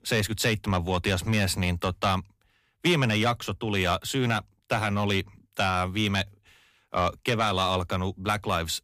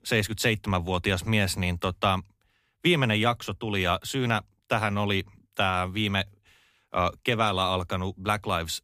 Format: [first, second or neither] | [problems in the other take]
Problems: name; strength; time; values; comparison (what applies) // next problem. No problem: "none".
second | distortion; slight; 10 dB below the speech